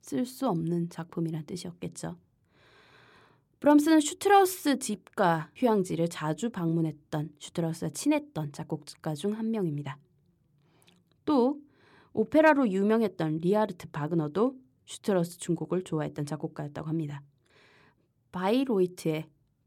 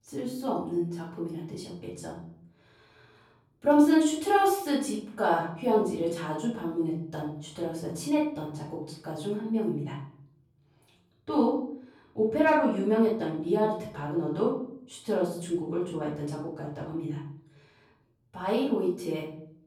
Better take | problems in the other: first | room echo; noticeable; dies away in 0.5 s // off-mic speech; far

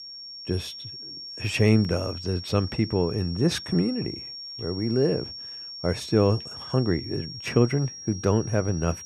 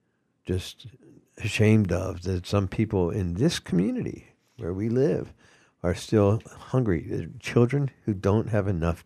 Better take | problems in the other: second | high-pitched whine; noticeable; throughout; 5.5 kHz, 10 dB below the speech

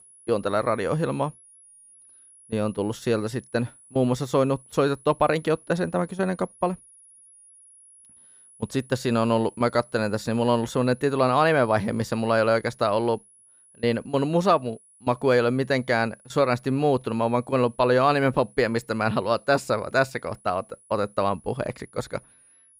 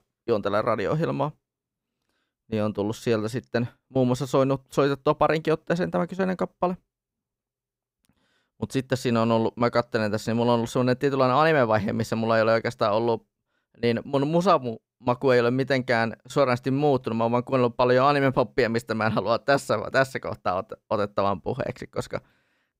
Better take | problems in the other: second | high-pitched whine; faint; throughout; 10.5 kHz, 25 dB below the speech

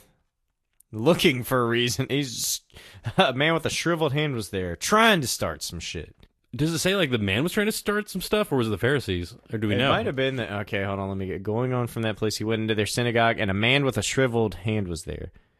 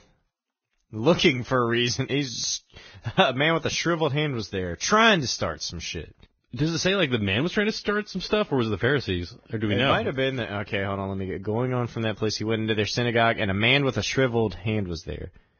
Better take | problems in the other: first | garbled, watery; badly; nothing above 6.5 kHz; slightly in the first

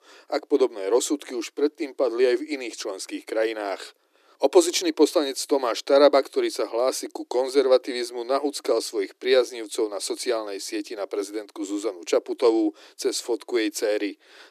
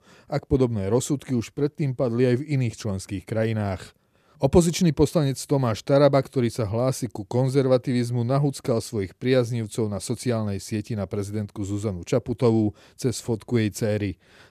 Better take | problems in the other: second | thin; somewhat; fading below 300 Hz

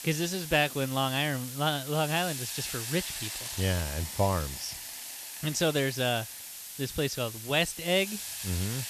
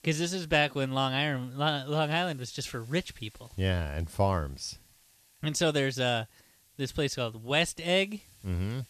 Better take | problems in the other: second | hiss; loud; throughout; 7 dB below the speech; faint in the second

